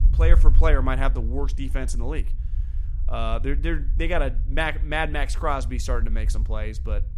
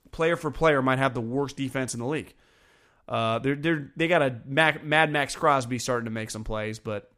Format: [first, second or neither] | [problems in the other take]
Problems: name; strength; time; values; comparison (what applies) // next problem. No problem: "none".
second | low rumble; noticeable; throughout; 20 dB below the speech